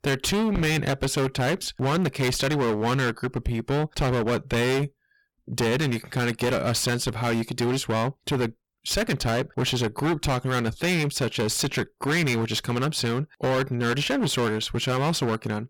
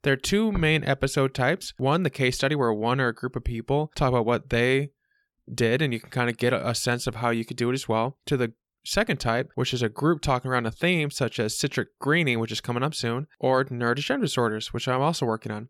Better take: second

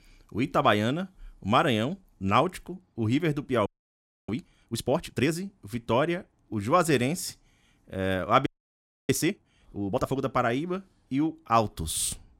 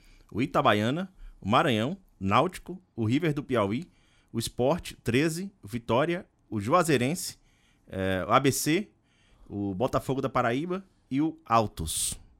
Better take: second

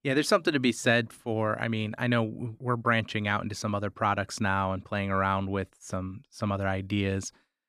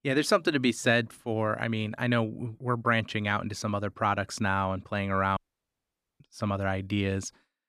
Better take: first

